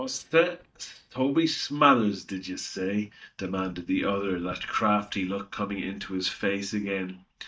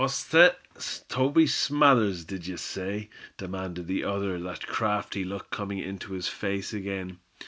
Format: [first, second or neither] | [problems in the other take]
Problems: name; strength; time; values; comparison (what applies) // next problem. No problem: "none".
second | noise reduction (neural mask model DeepFilterNet 3)